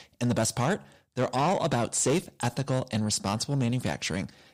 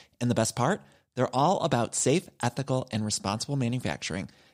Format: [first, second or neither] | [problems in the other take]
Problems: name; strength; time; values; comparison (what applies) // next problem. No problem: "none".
second | distortion; slight; 10 dB below the speech